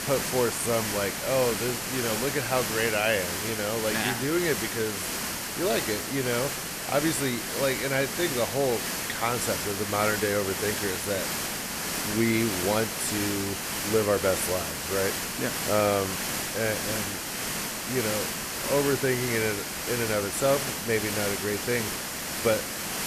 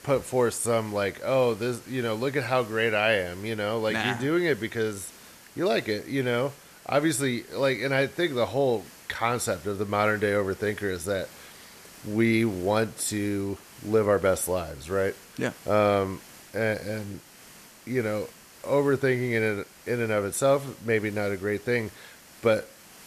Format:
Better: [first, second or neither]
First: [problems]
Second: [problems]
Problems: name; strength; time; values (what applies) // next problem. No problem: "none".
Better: second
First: hiss; loud; throughout; 1 dB below the speech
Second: hiss; faint; throughout; 20 dB below the speech